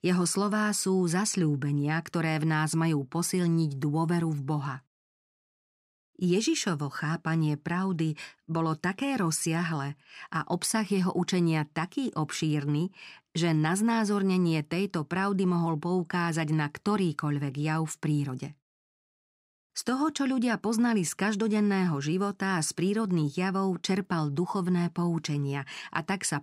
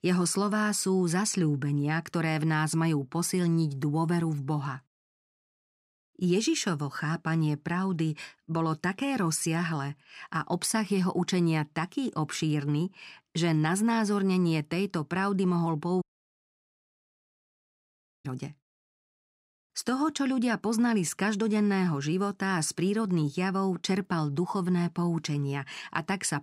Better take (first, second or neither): first